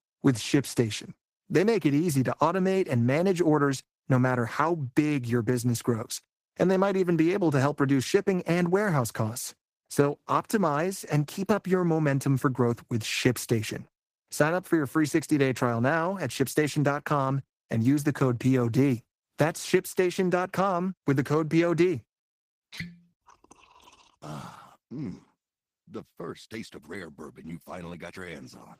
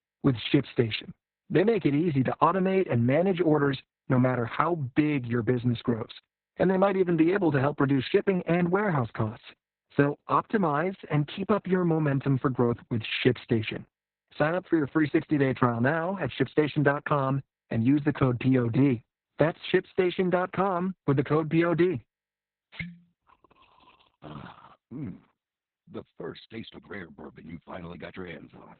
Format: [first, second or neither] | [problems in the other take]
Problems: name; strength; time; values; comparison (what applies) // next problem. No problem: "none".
first | garbled, watery; badly; nothing above 4 kHz; slightly in the first